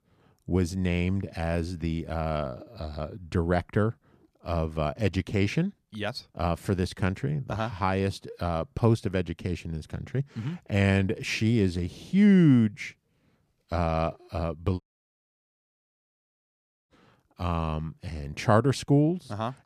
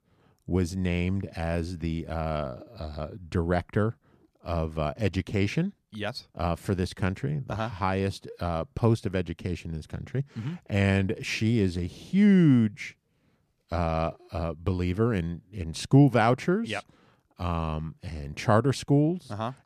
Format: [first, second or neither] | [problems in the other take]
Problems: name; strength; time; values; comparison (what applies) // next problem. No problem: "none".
second | audio cutting out; at 15 s for 2 s